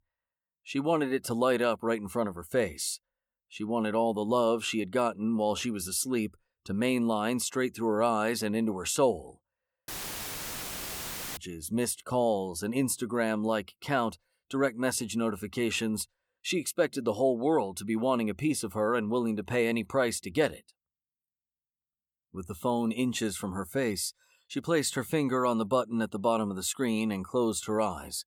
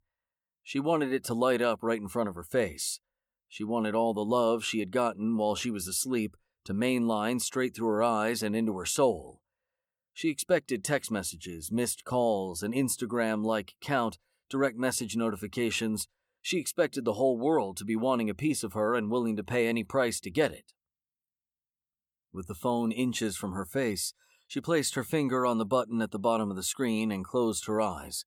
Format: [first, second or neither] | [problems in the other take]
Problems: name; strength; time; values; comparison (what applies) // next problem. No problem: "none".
second | audio cutting out; filled with static; at 10 s for 1.5 s